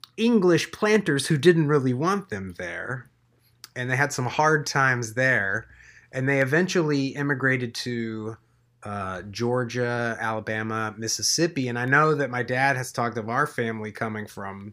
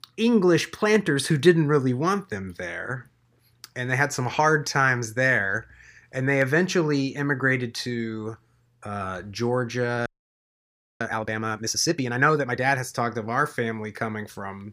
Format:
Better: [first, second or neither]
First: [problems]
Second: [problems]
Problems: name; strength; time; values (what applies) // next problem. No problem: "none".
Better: first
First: none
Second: audio freezing; at 10 s for 1 s